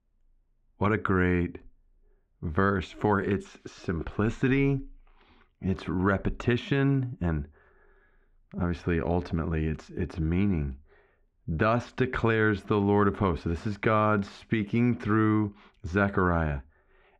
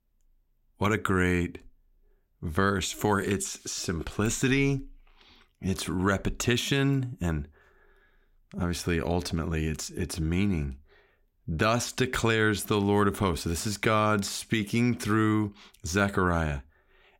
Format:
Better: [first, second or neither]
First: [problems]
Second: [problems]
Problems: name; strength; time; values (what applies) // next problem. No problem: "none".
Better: second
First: muffled; very; fading above 2 kHz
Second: none